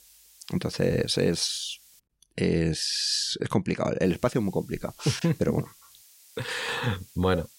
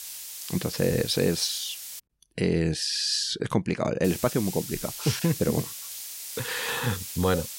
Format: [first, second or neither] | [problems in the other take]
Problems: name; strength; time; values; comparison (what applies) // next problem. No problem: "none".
first | hiss; loud; until 2 s and from 4 s on; 8 dB below the speech; faint in the first